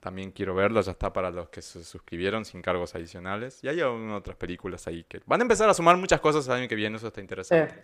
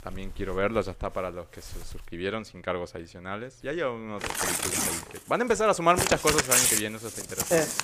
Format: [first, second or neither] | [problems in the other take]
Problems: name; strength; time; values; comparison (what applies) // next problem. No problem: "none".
first | household noises; very loud; throughout; 3 dB above the speech